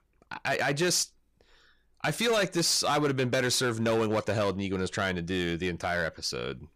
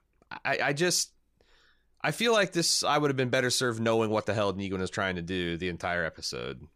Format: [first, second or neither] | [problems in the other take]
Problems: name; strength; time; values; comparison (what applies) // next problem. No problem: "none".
second | distortion; slight; 8% of the sound clipped